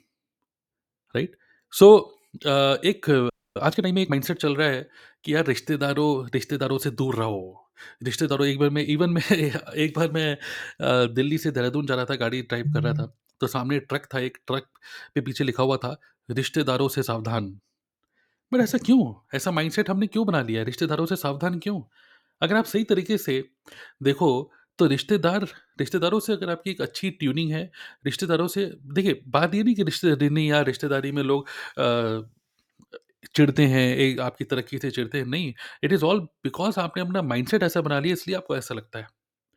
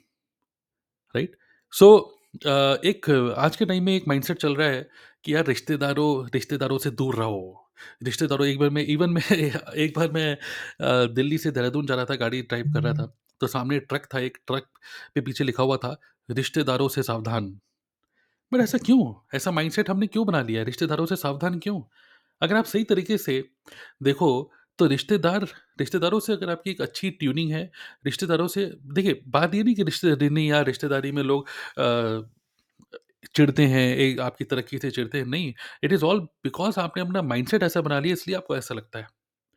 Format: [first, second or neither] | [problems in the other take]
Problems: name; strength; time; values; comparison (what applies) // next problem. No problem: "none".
second | audio freezing; at 3.5 s